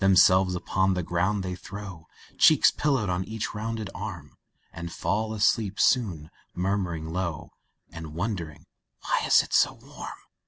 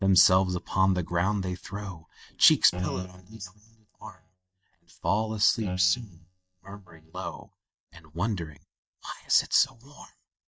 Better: first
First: none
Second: noise reduction (neural mask model DeepFilterNet 3)

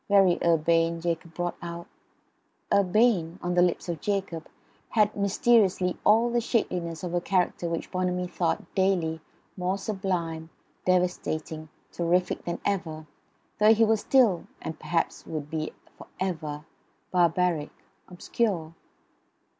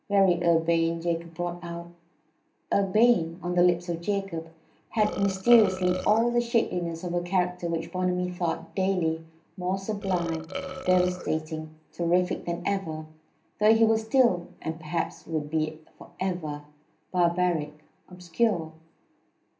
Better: first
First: none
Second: background sound (Burping, eructation); 9 dB below the speech // room echo; dies away in 0.3 s

